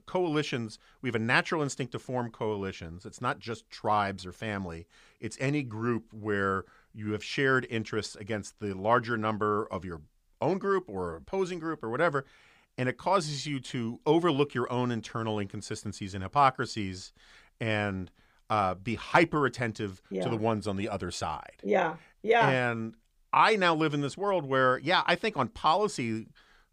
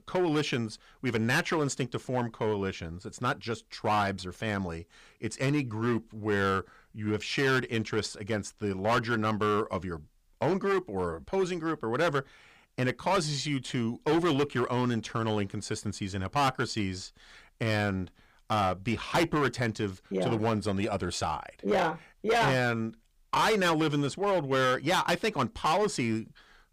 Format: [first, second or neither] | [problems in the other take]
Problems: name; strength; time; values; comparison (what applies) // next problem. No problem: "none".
first | distortion; heavy; 8% of the sound clipped